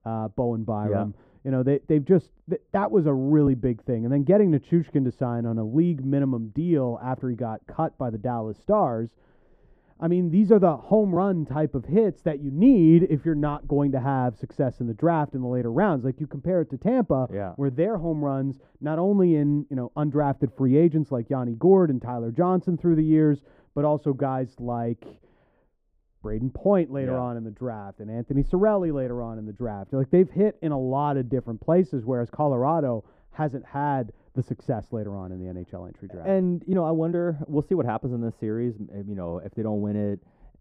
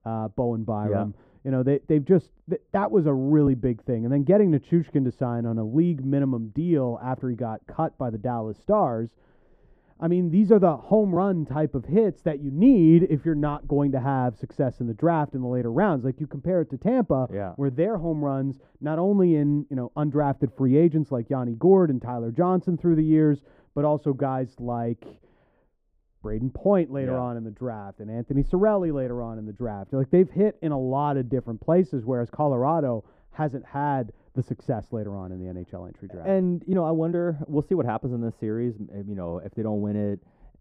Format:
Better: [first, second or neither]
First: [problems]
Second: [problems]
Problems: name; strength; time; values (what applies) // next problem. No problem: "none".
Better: neither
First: muffled; very; fading above 1.5 kHz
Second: muffled; very; fading above 1.5 kHz